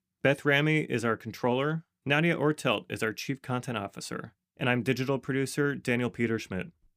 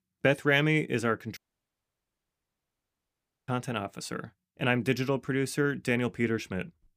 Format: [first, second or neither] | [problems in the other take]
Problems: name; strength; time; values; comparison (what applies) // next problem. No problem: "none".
first | audio cutting out; at 1.5 s for 2 s